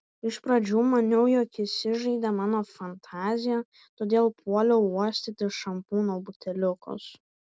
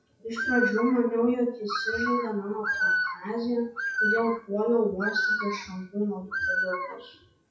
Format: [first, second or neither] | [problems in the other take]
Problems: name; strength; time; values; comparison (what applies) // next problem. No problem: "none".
first | noise reduction (classical method WPE with log-MMSE)